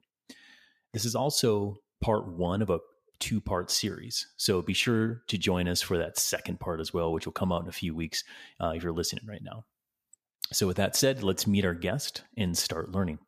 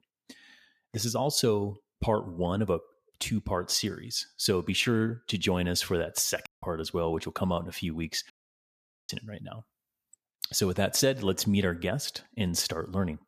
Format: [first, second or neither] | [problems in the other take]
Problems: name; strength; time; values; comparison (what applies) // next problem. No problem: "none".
first | audio cutting out; at 6.5 s and at 8.5 s for 1 s